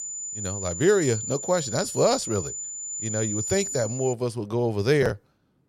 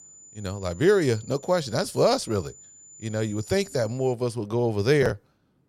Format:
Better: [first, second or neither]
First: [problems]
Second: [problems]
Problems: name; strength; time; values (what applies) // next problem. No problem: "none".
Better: second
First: high-pitched whine; loud; until 4 s; 7 kHz, 5 dB below the speech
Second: high-pitched whine; faint; until 4 s; 7 kHz, 20 dB below the speech